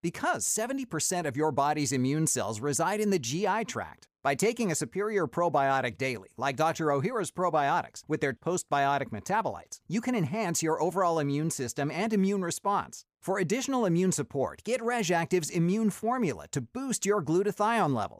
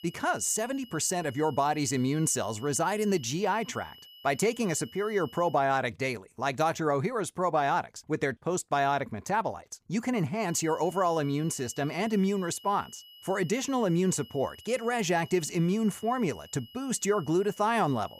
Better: first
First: none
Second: high-pitched whine; faint; until 5.5 s and from 10 s on; 3 kHz, 20 dB below the speech

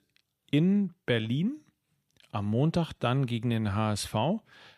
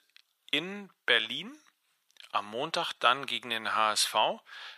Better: first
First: none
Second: thin; very; fading below 850 Hz

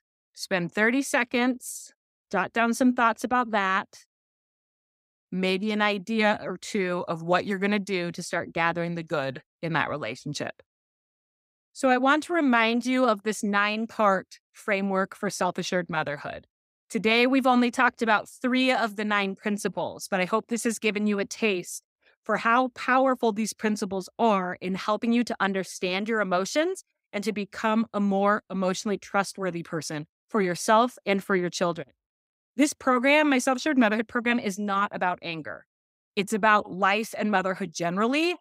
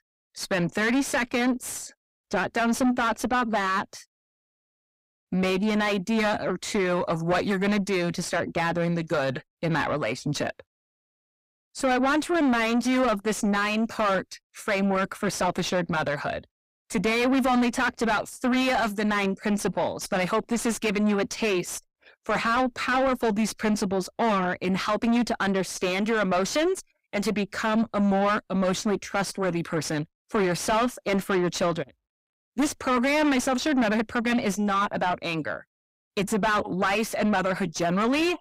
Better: first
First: none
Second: distortion; heavy; 6 dB below the speech

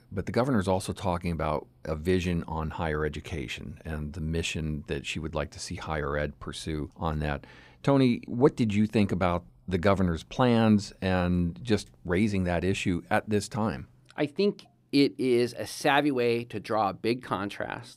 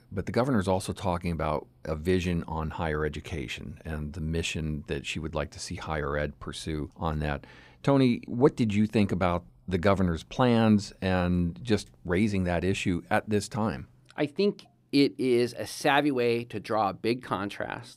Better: neither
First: none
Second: none

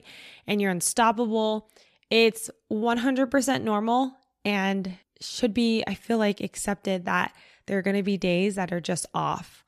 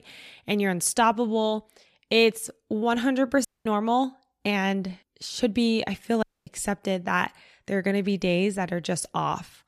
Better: first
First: none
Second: audio cutting out; at 3.5 s and at 6 s

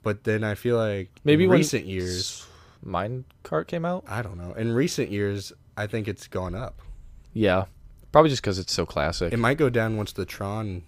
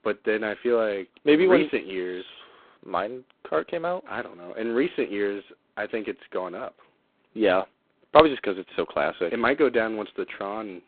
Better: first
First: none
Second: phone-call audio; poor line; nothing above 4 kHz

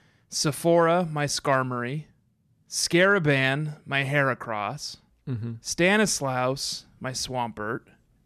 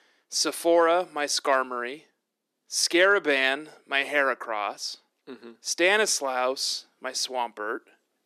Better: first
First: none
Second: thin; somewhat; fading below 300 Hz

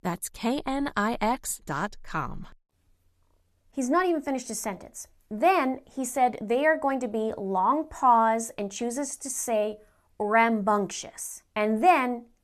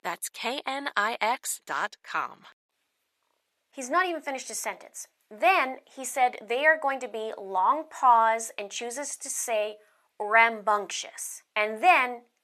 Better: first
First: none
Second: thin; somewhat; fading below 500 Hz

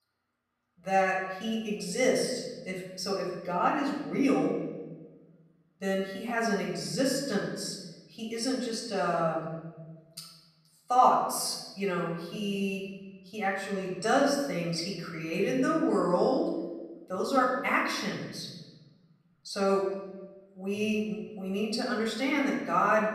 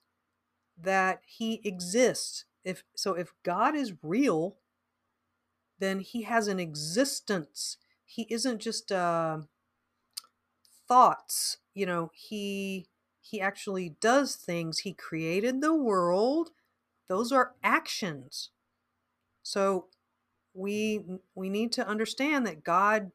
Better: second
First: off-mic speech; far // room echo; noticeable; dies away in 1.2 s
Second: none

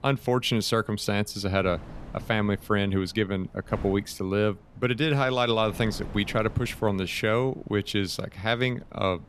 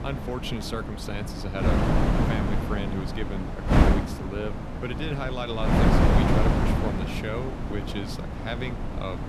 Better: first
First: wind noise on the microphone; occasional gusts; 25 dB below the speech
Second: wind noise on the microphone; heavy; 4 dB above the speech

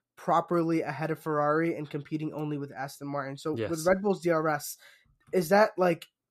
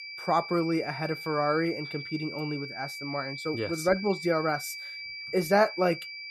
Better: first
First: none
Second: high-pitched whine; loud; throughout; 2.5 kHz, 8 dB below the speech

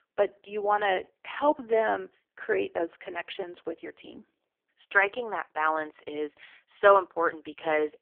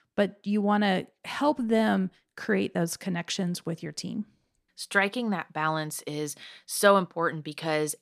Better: second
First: phone-call audio; poor line; nothing above 3.5 kHz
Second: none

